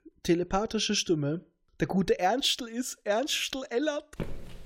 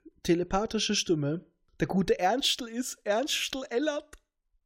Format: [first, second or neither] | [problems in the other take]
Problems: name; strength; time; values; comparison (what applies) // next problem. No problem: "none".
second | footsteps; faint; at 4 s; peak 10 dB below the speech